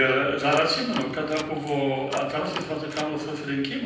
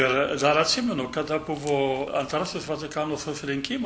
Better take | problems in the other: second | background sound (Door); 13 dB below the speech // room echo; dies away in 0.8 s

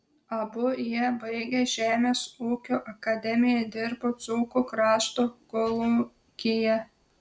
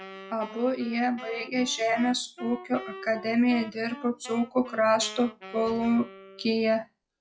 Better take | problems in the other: first | noise reduction (classical method log-MMSE)

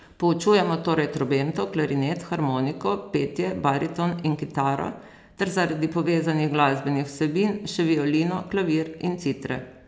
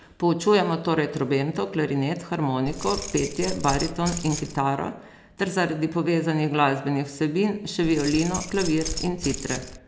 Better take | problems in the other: first | background sound (Keys jangling); 8 dB below the speech

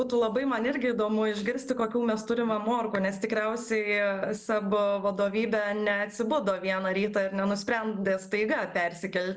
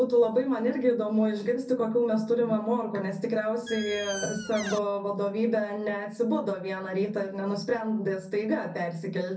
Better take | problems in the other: first | background sound (Squeak); 10 dB below the speech // room echo; dies away in 0.3 s

